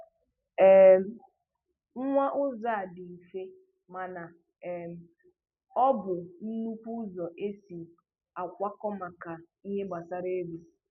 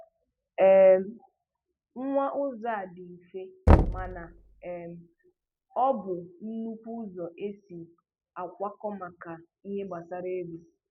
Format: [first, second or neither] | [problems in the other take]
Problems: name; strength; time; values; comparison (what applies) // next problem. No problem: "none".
first | background sound (Knock); 3 dB above the speech